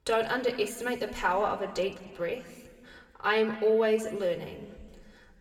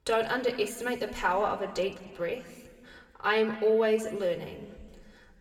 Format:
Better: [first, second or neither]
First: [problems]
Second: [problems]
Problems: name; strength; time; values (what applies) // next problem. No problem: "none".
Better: neither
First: room echo; slight; dies away in 1.6 s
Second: room echo; slight; dies away in 1.6 s